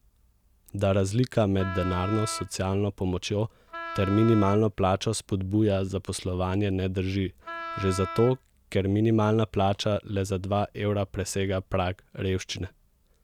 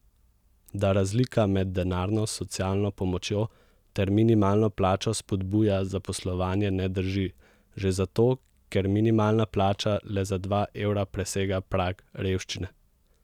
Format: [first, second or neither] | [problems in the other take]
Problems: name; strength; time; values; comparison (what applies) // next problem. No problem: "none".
second | background sound (Wind instrument, woodwind instrument); 10 dB below the speech